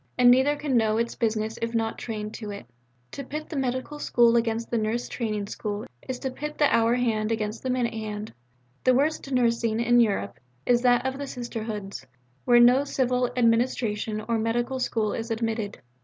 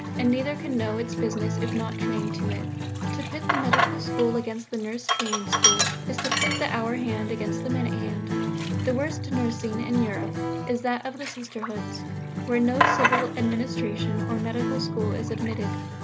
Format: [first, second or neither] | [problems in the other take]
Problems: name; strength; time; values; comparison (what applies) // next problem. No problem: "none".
first | background sound (Sink (filling or washing) + Acoustic guitar); 2 dB above the speech